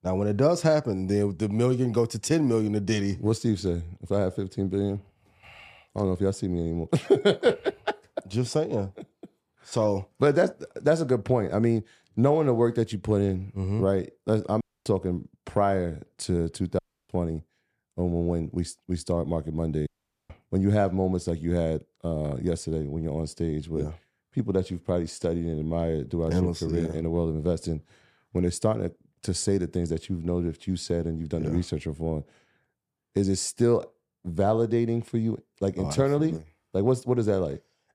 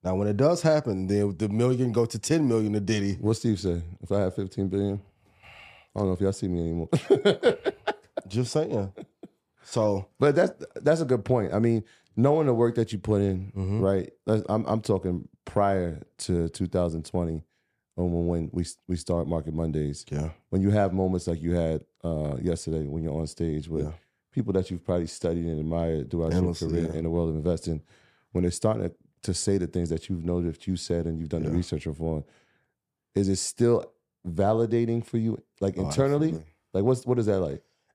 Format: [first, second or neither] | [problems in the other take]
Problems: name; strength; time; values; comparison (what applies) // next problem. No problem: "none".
second | audio cutting out; at 15 s, at 17 s and at 20 s